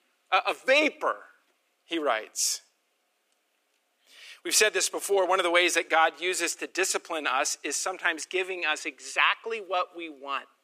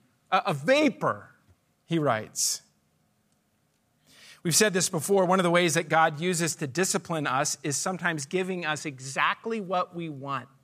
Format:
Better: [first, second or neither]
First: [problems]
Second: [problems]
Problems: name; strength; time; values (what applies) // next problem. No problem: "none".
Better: second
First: thin; very; fading below 300 Hz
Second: none